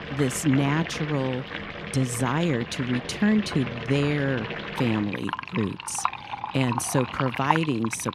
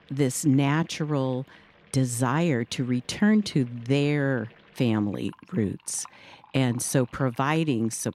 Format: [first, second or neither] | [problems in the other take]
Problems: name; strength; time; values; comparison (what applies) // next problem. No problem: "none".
second | household noises; loud; throughout; 6 dB below the speech; faint in the second